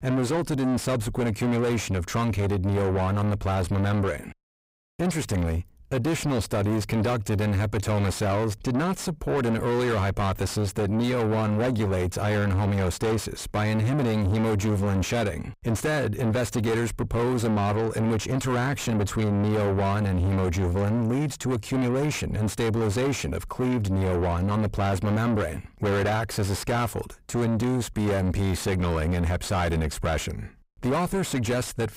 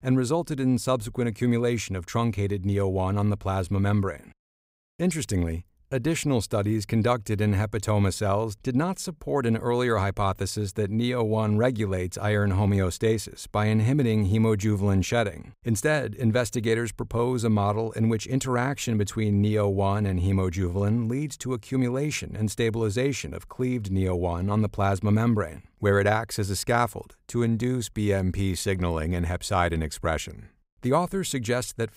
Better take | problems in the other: second | distortion; heavy; 6 dB below the speech

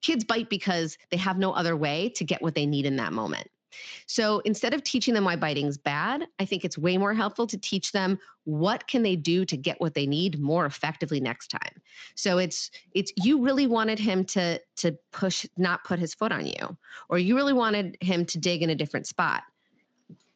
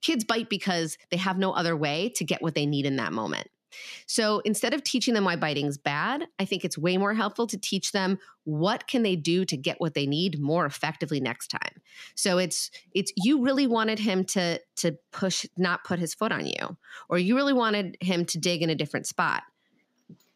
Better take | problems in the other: second | garbled, watery; slightly; nothing above 7.5 kHz

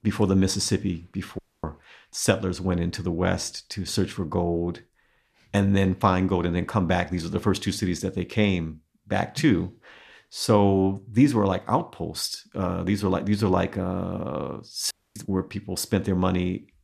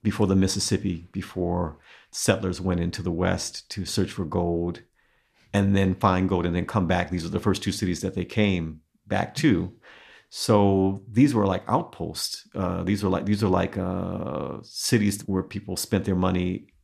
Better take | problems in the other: second | audio cutting out; at 1.5 s and at 15 s

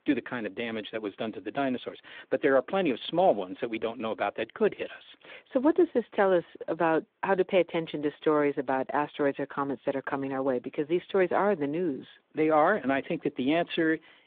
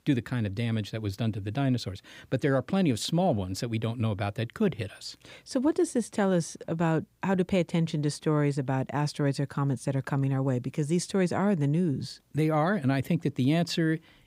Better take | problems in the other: second | phone-call audio; nothing above 3.5 kHz

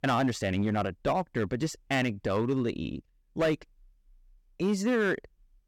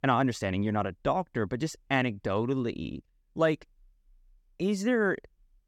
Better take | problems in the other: second | distortion; slight; 6% of the sound clipped

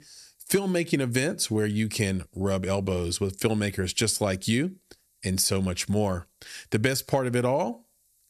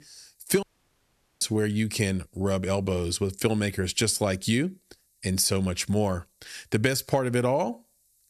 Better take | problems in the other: first | audio cutting out; at 0.5 s for 1 s

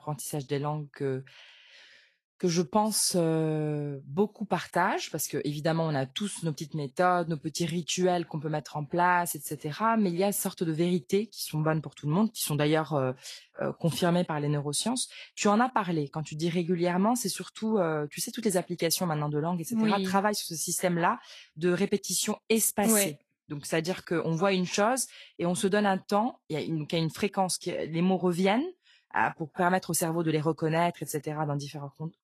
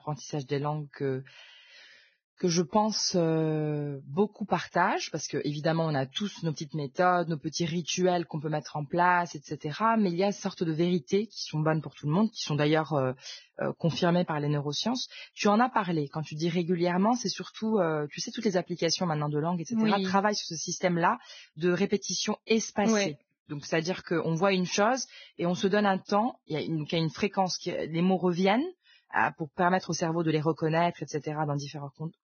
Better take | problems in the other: first | garbled, watery; badly; nothing above 6.5 kHz; slightly in the first

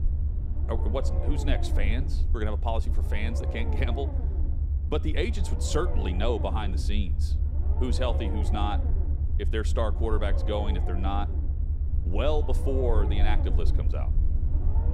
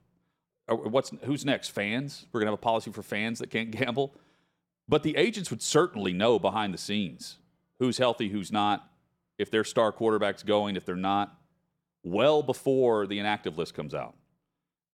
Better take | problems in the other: second | low rumble; loud; throughout; 9 dB below the speech

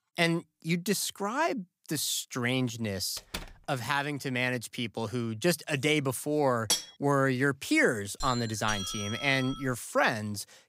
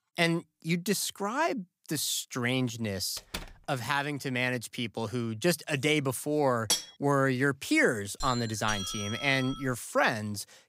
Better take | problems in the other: neither | door banging; faint; at 3 s; peak 10 dB below the speech; the same in both // clattering dishes; loud; at 6.5 s; peak 1 dB above the speech; the same in both // doorbell; noticeable; from 8 to 9.5 s; peak 5 dB below the speech; the same in both

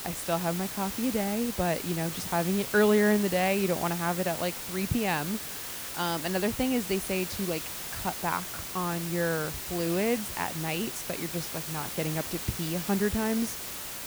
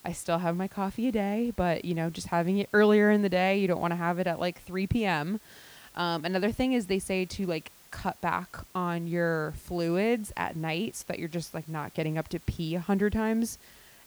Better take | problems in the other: second | hiss; loud; throughout; 5 dB below the speech; faint in the second

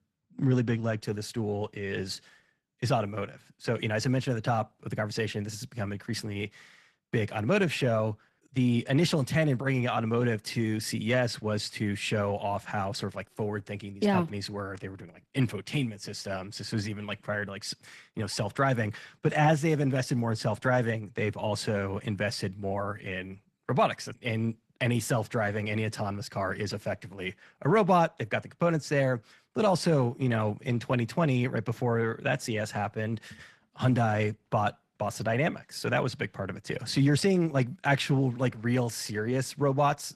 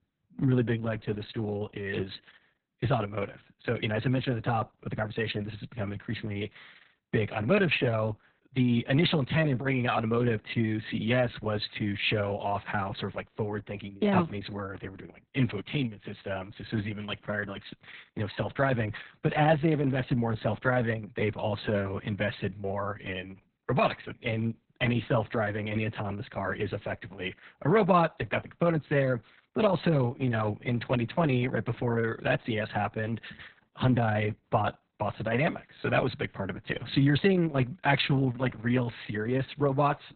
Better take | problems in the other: first | garbled, watery; badly; nothing above 4 kHz; slightly in the first

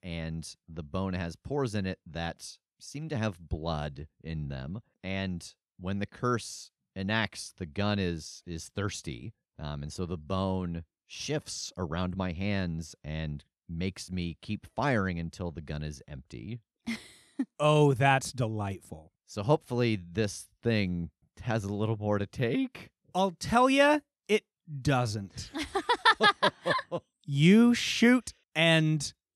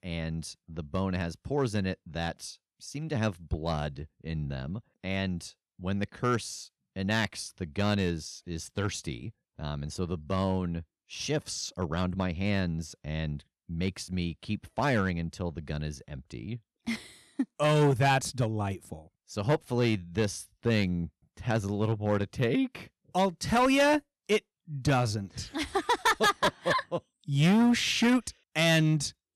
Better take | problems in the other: first | distortion; slight; 3% of the sound clipped

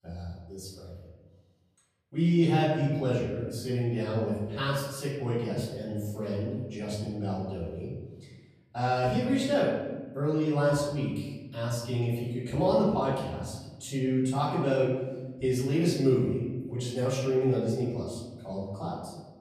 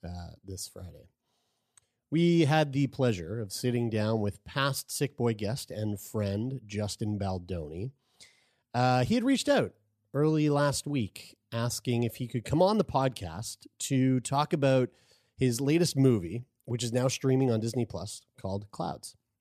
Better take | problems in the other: second | off-mic speech; far // room echo; noticeable; dies away in 1.2 s

